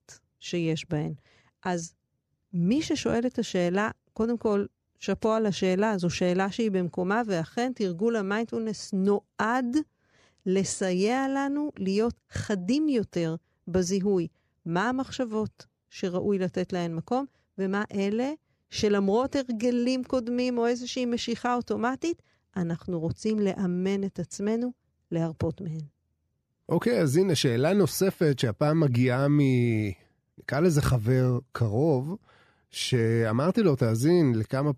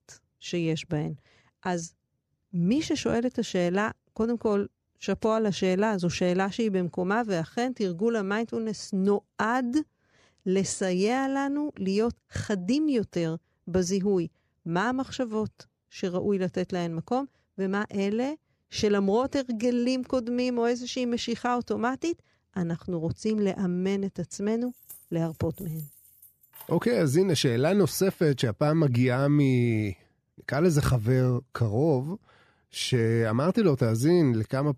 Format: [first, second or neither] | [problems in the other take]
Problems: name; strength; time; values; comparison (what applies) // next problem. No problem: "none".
first | jangling keys; faint; from 25 to 27 s; peak 20 dB below the speech